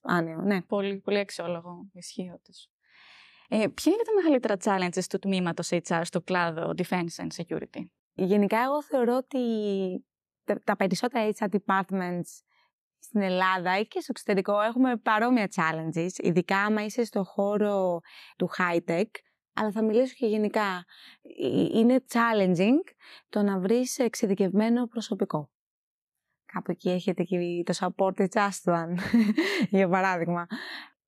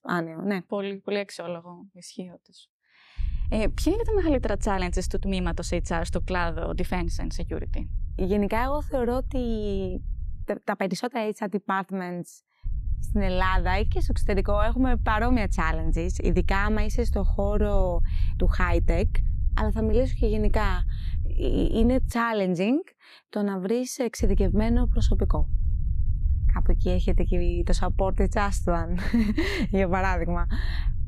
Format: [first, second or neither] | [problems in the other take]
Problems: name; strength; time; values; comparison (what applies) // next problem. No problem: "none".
first | low rumble; faint; from 3 to 10 s, from 13 to 22 s and from 24 s on; 20 dB below the speech